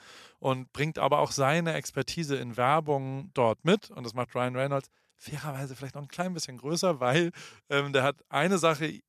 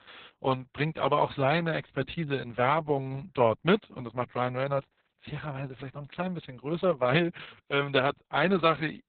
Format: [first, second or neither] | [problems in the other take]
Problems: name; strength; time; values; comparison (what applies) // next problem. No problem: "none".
first | garbled, watery; badly; nothing above 4 kHz